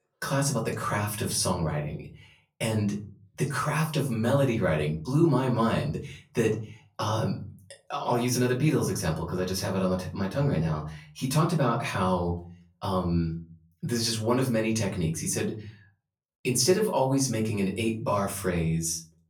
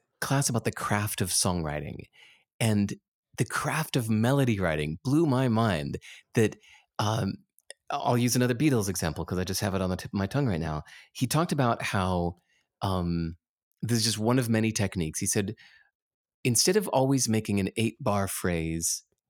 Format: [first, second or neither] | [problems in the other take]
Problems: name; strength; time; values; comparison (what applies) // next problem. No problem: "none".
second | off-mic speech; far // room echo; very slight; dies away in 0.3 s